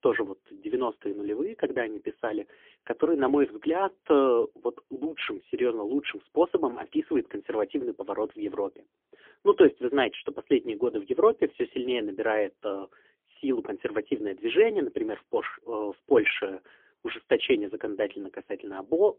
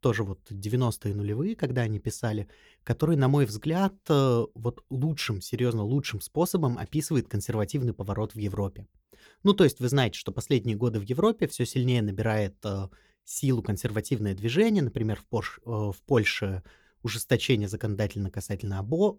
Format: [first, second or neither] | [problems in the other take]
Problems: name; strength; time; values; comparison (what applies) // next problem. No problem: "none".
second | phone-call audio; poor line; nothing above 3.5 kHz